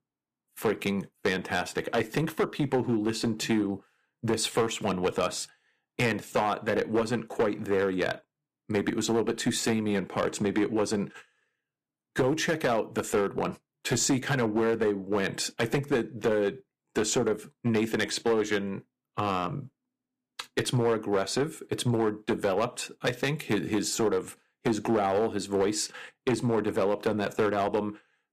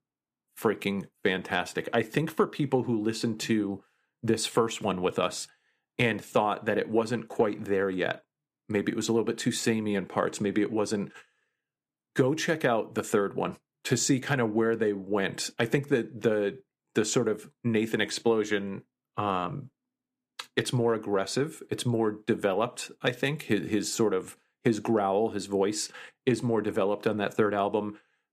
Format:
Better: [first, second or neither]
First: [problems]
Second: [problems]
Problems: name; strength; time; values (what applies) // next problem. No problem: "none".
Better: second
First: distortion; slight; 5% of the sound clipped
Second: none